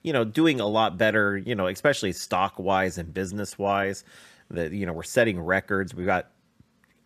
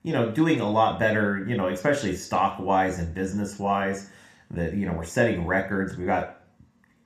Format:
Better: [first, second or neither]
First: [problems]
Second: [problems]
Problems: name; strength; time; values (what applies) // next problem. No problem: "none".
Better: first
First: none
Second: room echo; slight; dies away in 0.4 s